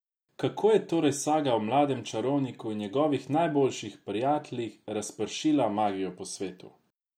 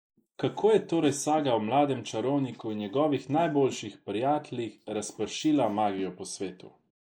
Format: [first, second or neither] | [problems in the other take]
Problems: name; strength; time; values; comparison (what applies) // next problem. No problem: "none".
first | noise reduction (neural mask model Resemble Enhance denoiser)